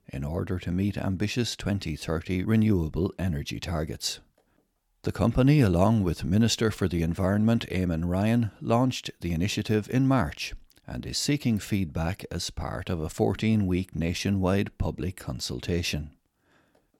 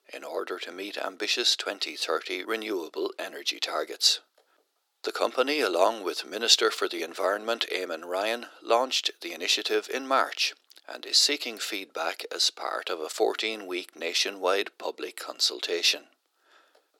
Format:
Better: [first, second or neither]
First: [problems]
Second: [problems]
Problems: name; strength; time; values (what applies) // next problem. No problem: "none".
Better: first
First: none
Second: thin; very; fading below 350 Hz